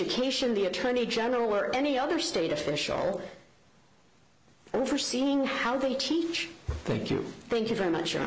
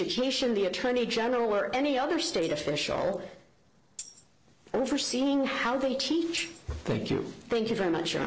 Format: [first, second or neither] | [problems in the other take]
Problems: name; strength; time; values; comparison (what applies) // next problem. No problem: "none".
first | noise reduction (neural separator model SepFormer DNS4)